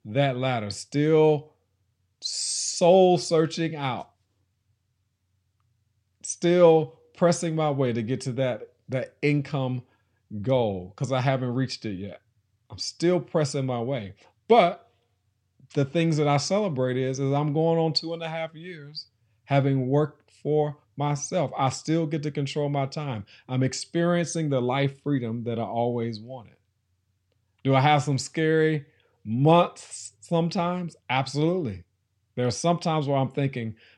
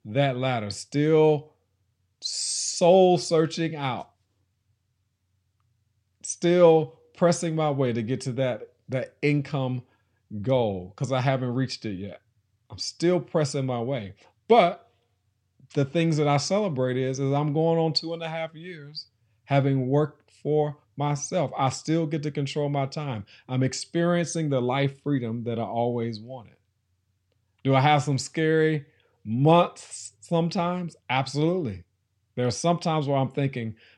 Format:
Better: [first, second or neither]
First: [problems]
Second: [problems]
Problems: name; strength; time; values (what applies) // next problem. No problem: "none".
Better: neither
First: none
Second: none